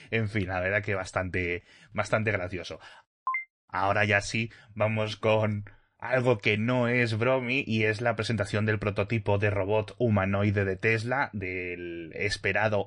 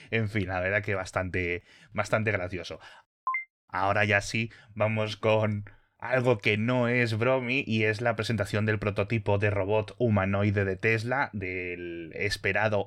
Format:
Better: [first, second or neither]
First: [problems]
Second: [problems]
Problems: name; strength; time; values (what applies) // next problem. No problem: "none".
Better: second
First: garbled, watery; slightly; nothing above 10.5 kHz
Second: none